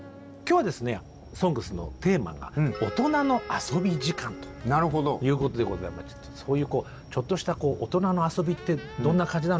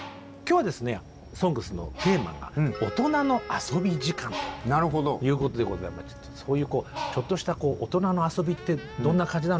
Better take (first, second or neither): first